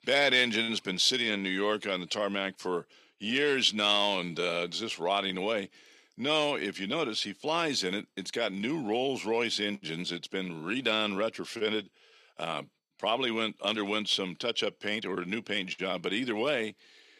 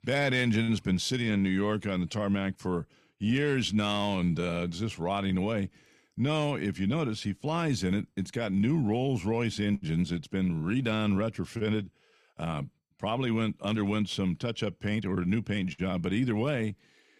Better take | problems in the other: second | thin; somewhat; fading below 400 Hz

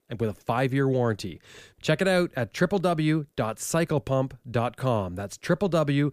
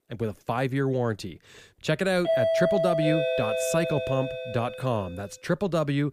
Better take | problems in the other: first | doorbell; loud; from 2.5 to 5 s; peak 5 dB above the speech

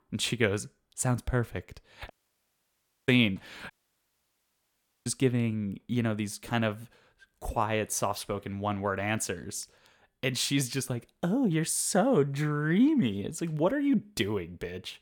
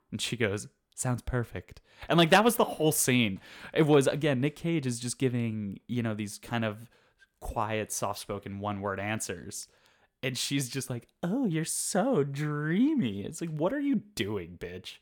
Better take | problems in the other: second | audio cutting out; at 2 s for 1 s and at 3.5 s for 1.5 s

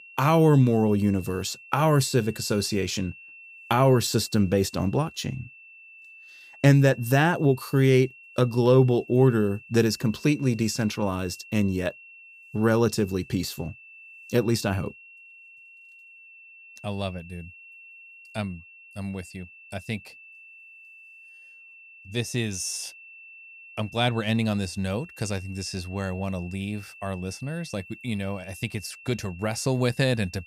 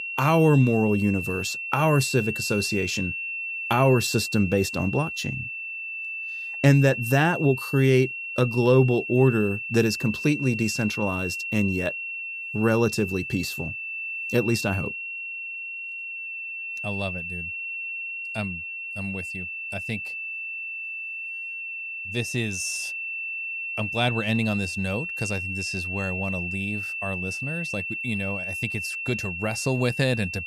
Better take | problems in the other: first | high-pitched whine; loud; throughout; 2.5 kHz, 5 dB below the speech; faint in the first

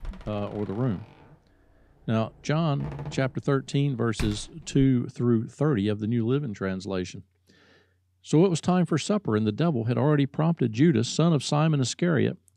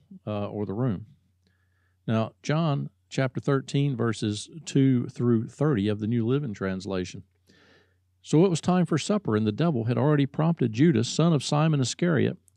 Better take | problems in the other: second | door banging; faint; until 5 s; peak 10 dB below the speech

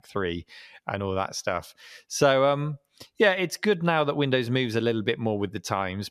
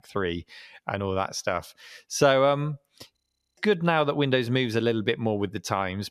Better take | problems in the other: first | audio freezing; at 3 s

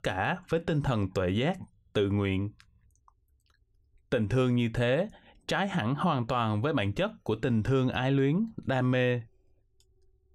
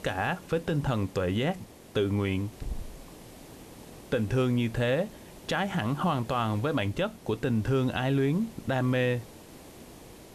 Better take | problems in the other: first | hiss; noticeable; throughout; 20 dB below the speech

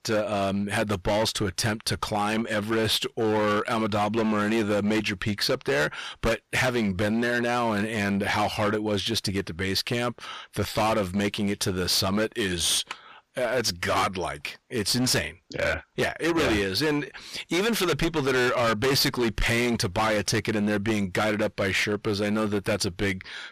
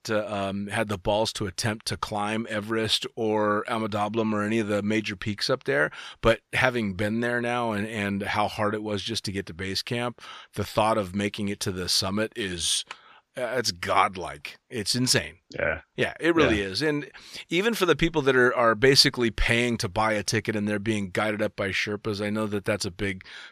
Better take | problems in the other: second | distortion; heavy; 17% of the sound clipped

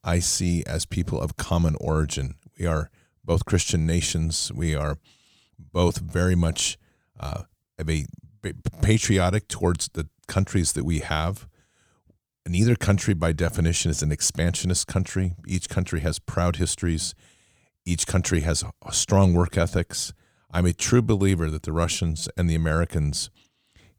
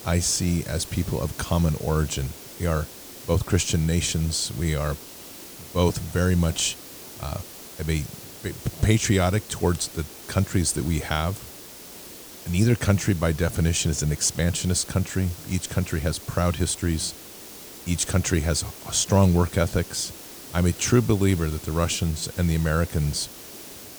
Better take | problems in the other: first | hiss; noticeable; throughout; 15 dB below the speech

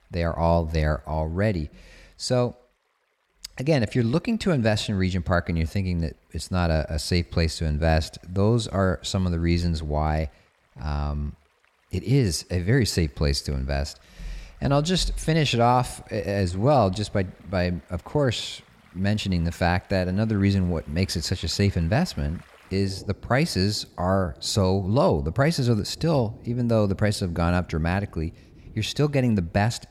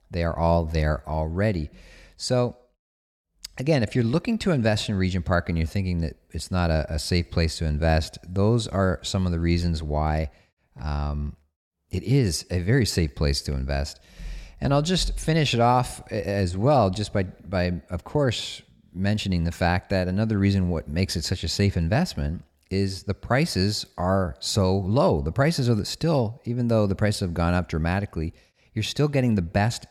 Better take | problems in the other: second | rain or running water; faint; throughout; 25 dB below the speech

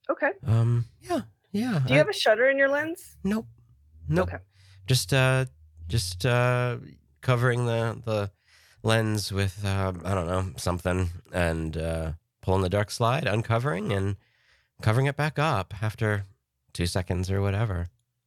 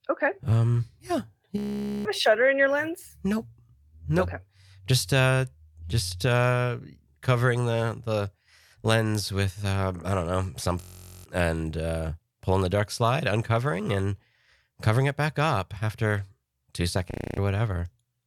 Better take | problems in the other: first | audio freezing; at 1.5 s, at 11 s and at 17 s

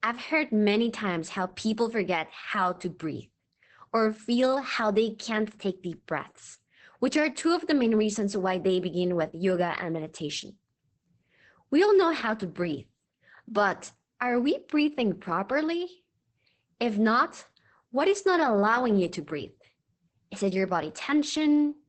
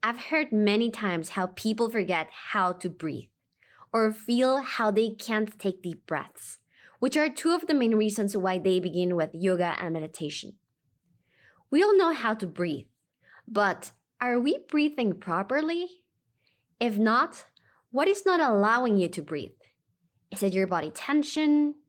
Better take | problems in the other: second | garbled, watery; badly; nothing above 8 kHz; slightly in the second

